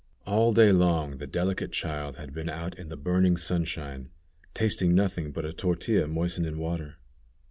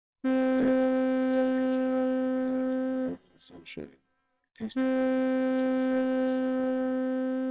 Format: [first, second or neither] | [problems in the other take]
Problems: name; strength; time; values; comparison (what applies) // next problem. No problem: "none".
first | noise reduction (neural separator model SepFormer WHAMR!)